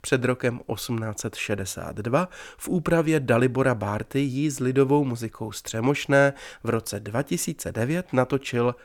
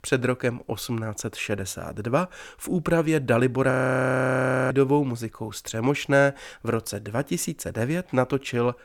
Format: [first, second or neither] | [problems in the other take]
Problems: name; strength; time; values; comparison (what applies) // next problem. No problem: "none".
first | audio freezing; at 3.5 s for 1 s